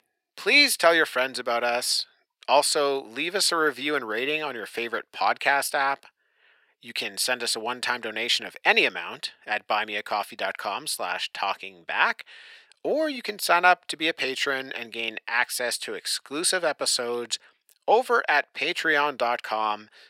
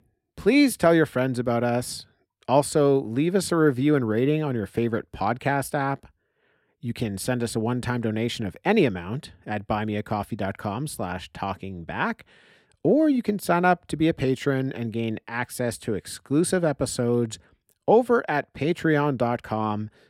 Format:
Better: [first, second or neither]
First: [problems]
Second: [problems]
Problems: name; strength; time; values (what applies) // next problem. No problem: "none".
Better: second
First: thin; very; fading below 750 Hz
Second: none